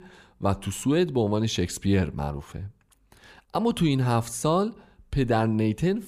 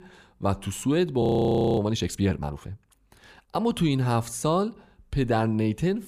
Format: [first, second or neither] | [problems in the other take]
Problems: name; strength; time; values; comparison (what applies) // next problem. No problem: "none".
first | audio freezing; at 1 s for 0.5 s